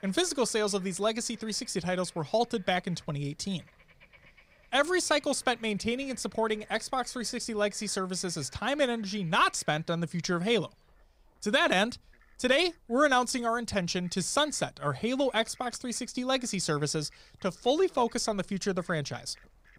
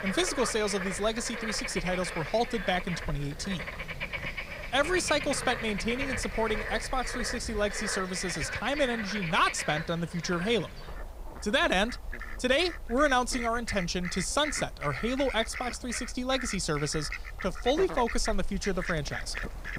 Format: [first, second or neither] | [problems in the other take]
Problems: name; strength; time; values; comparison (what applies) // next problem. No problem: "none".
first | animal sounds; loud; throughout; 7 dB below the speech; faint in the first